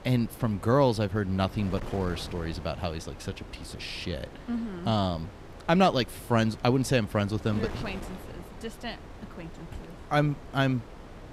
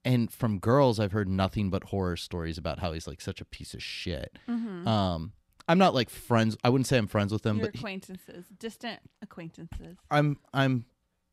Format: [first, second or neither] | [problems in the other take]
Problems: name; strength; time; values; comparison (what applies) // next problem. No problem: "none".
second | wind noise on the microphone; occasional gusts; 15 dB below the speech